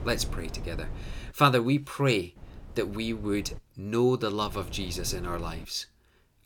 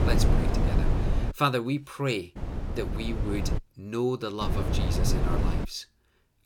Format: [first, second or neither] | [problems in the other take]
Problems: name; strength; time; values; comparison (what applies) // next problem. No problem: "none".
first | wind noise on the microphone; heavy; until 1.5 s, from 2.5 to 3.5 s and from 4.5 to 5.5 s; 4 dB below the speech; occasional gusts in the first